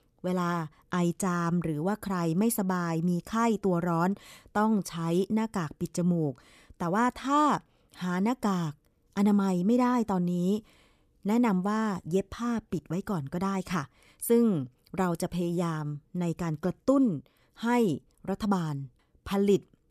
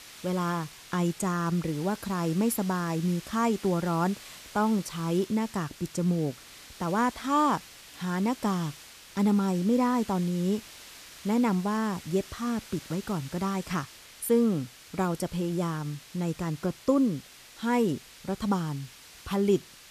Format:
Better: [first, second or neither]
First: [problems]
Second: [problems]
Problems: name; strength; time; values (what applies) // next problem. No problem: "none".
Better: first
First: none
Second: hiss; noticeable; throughout; 15 dB below the speech